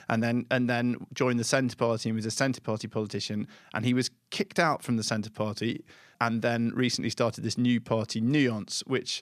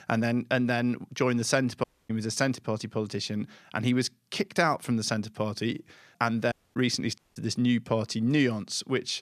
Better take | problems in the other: first | audio cutting out; at 2 s, at 6.5 s and at 7 s

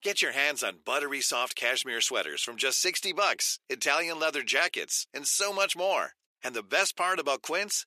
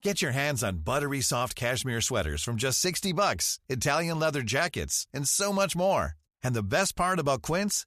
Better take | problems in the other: second | thin; very; fading below 350 Hz

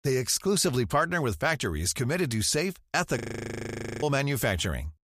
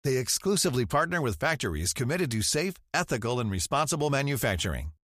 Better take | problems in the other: second | audio freezing; at 3 s for 1 s

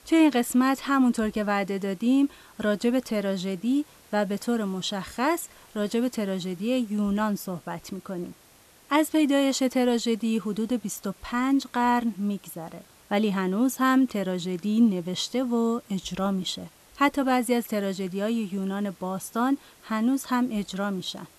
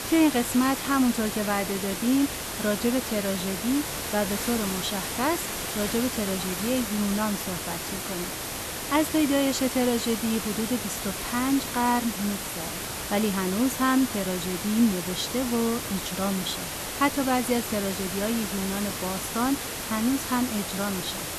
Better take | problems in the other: first | hiss; loud; throughout; 4 dB below the speech; faint in the first

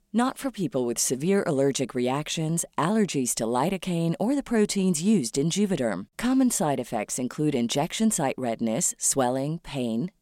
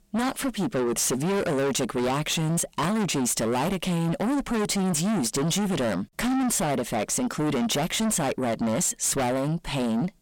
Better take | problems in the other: first | distortion; heavy; 5 dB below the speech

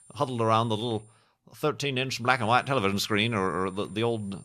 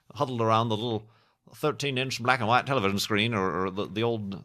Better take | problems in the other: second | high-pitched whine; faint; until 1 s and from 2.5 s on; 9.5 kHz, 25 dB below the speech

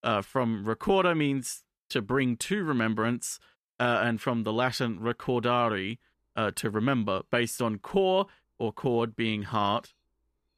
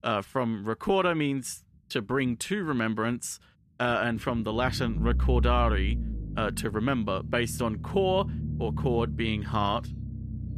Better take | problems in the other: first | low rumble; noticeable; throughout; 15 dB below the speech

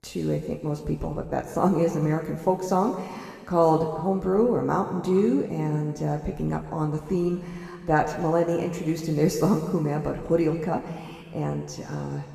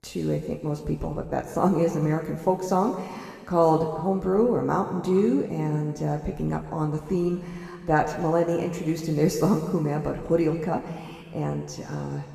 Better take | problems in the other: neither | room echo; noticeable; dies away in 2 s; the same in both // off-mic speech; somewhat distant; the same in both

